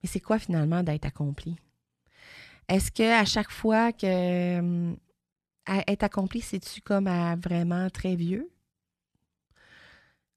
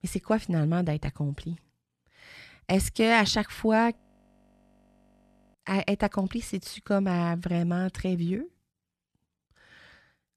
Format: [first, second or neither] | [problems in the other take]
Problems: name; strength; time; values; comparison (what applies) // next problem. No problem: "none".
first | audio freezing; at 4 s for 1.5 s